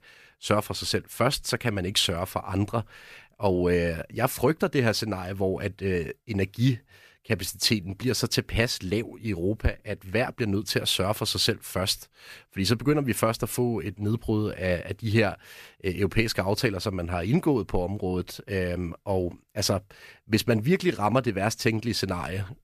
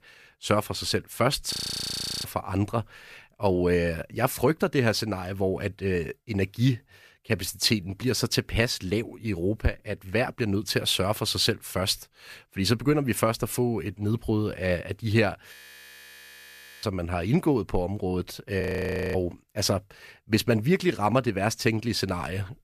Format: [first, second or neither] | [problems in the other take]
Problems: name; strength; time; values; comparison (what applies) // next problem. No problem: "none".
first | audio freezing; at 1.5 s for 0.5 s, at 16 s for 1.5 s and at 19 s for 0.5 s